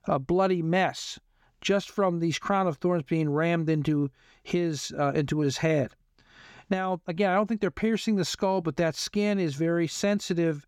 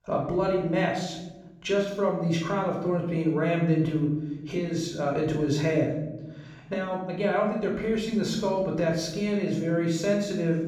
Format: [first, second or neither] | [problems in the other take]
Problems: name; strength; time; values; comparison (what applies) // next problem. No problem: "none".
first | off-mic speech; somewhat distant // room echo; noticeable; dies away in 1 s